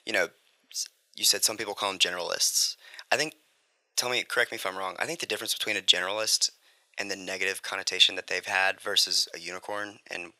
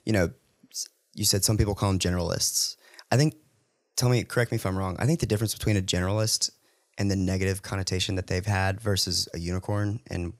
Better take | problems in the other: second | thin; very; fading below 650 Hz

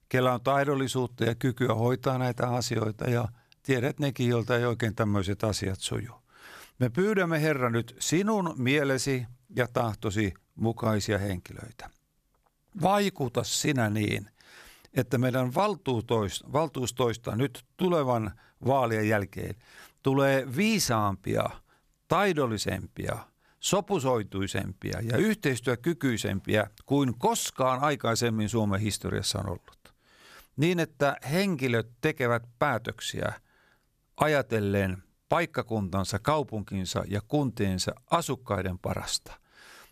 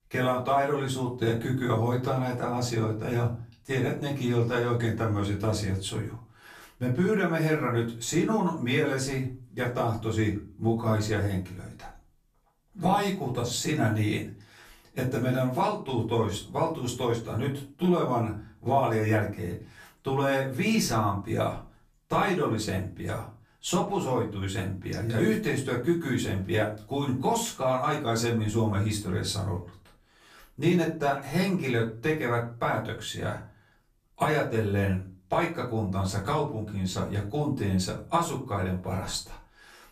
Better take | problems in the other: first | off-mic speech; far // room echo; slight; dies away in 0.3 s

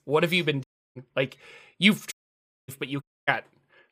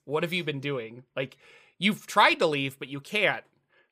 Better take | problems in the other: second | audio cutting out; at 0.5 s, at 2 s for 0.5 s and at 3 s

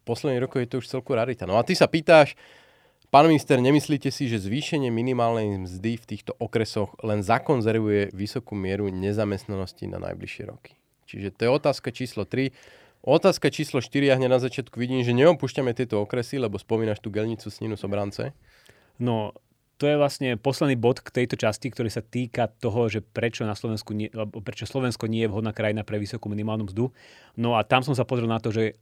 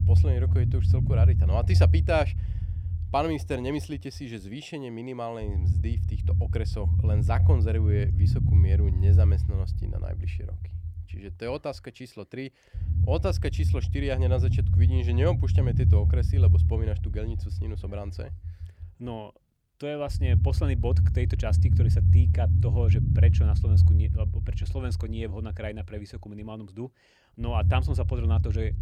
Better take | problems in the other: first | low rumble; loud; throughout; 4 dB below the speech

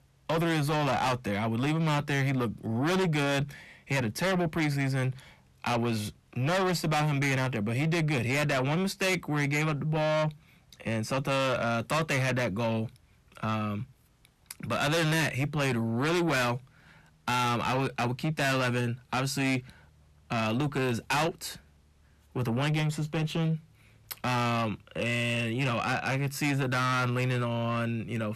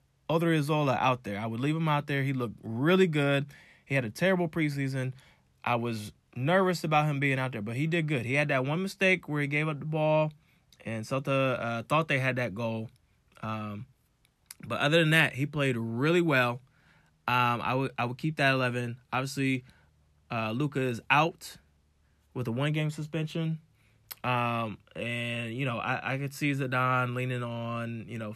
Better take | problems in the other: second | distortion; heavy; 6 dB below the speech

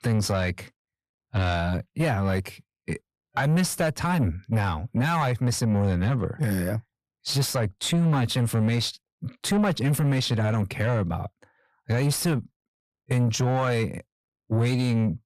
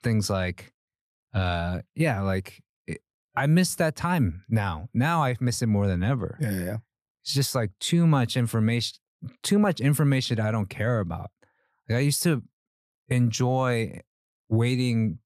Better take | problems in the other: second | distortion; slight; 10 dB below the speech

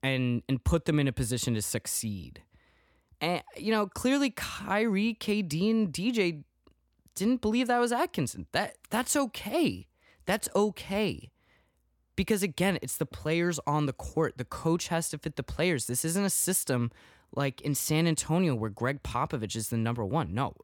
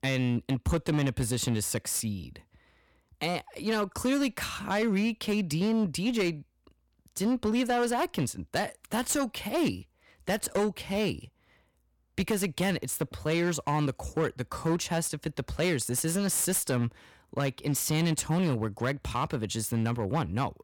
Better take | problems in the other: first | distortion; slight; 10% of the sound clipped

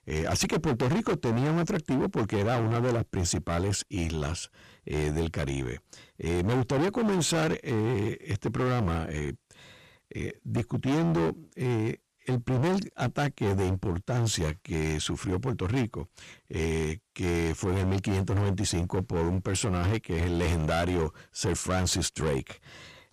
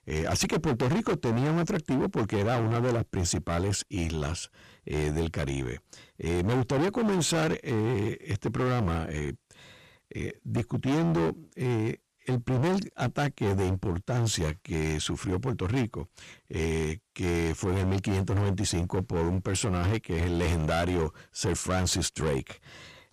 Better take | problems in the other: neither | distortion; heavy; 19% of the sound clipped; the same in both

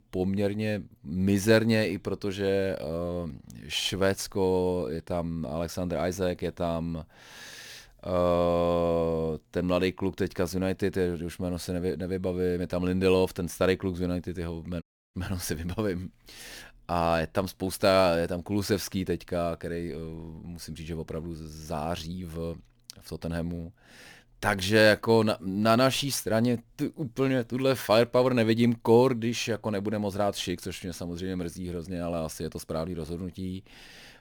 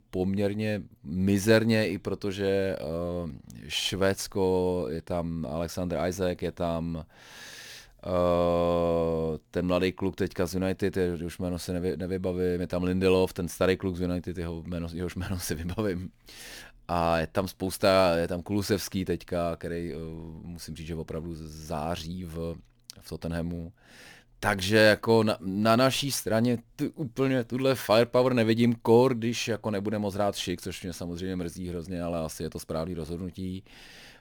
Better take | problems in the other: second | audio cutting out; at 15 s

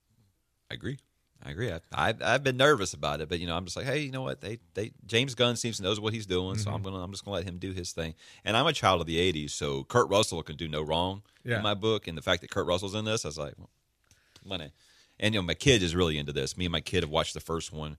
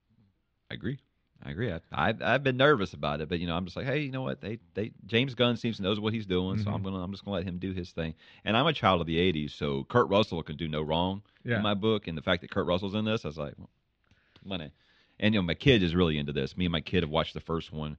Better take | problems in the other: first | muffled; slightly; fading above 3.5 kHz

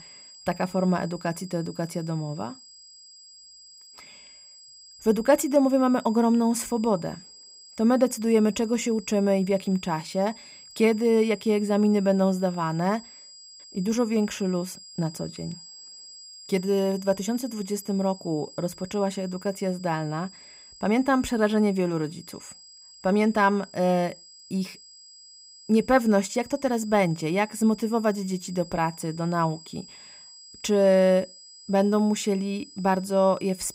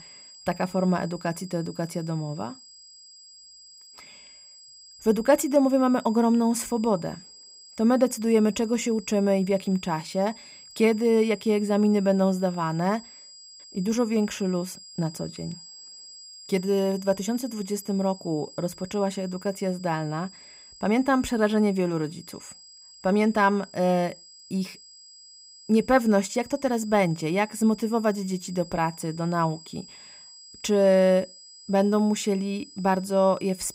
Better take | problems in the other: neither | high-pitched whine; noticeable; throughout; 5 kHz, 20 dB below the speech; the same in both

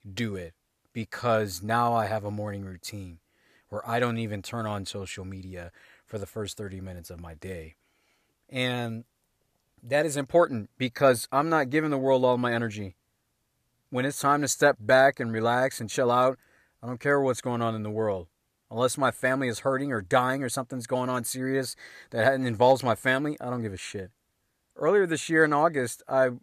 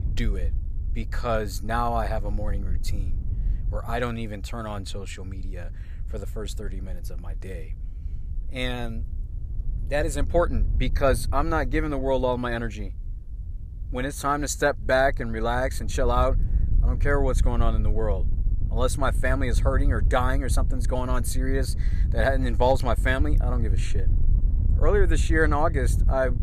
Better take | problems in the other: first | wind noise on the microphone; occasional gusts; 20 dB below the speech

